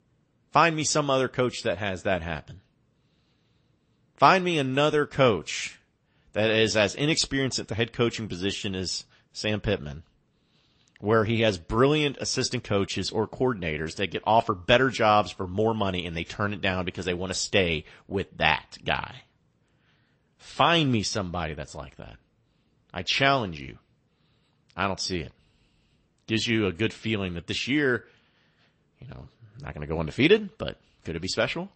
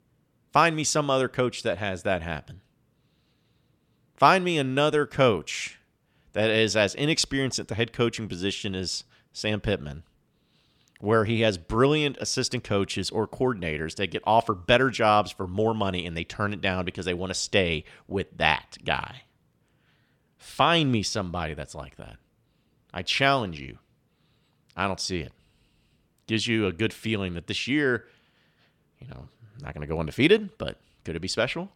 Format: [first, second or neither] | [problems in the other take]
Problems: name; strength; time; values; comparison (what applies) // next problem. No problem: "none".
second | garbled, watery; slightly; nothing above 8 kHz